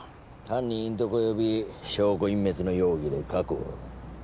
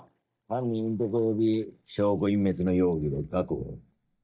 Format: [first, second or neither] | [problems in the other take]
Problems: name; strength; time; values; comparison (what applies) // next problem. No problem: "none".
first | noise reduction (neural mask model DeepFilterNet 3)